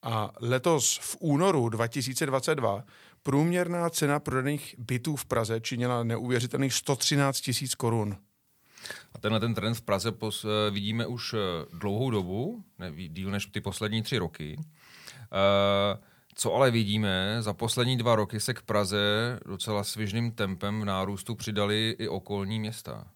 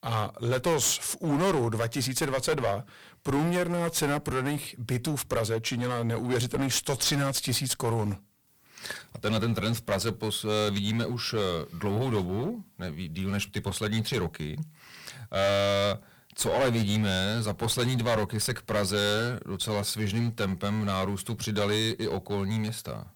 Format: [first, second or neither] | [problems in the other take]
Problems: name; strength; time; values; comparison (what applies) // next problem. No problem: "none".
first | distortion; heavy; 11% of the sound clipped